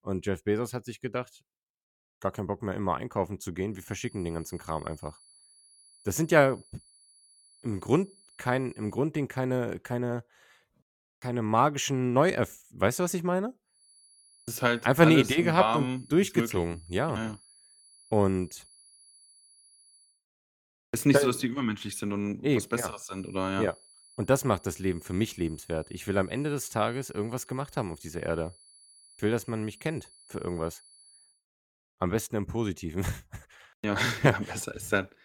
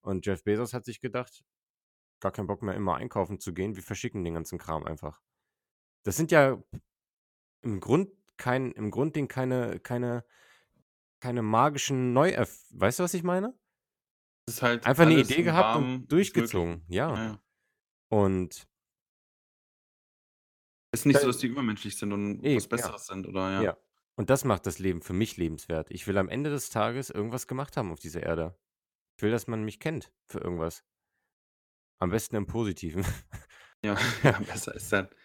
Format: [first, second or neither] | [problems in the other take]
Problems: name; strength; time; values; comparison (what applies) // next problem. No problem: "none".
second | high-pitched whine; faint; from 4 to 9 s, from 14 to 20 s and from 23 to 31 s; 10.5 kHz, 25 dB below the speech